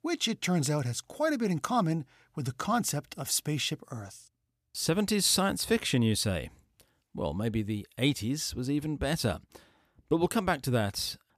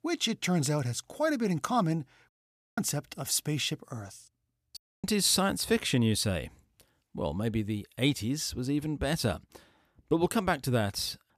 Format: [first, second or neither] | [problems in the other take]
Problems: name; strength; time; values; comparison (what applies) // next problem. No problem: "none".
first | audio cutting out; at 2.5 s and at 5 s